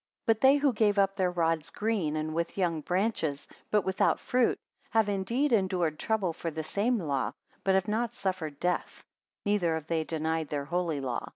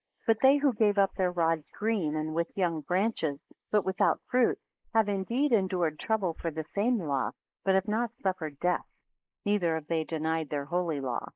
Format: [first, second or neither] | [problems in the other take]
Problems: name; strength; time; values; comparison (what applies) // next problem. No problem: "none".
first | noise reduction (neural mask model Resemble Enhance denoiser)